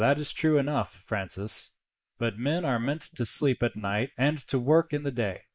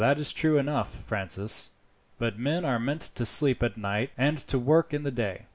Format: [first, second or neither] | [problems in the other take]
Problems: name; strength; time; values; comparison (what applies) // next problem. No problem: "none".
second | noise reduction (neural mask model Resemble Enhance denoiser)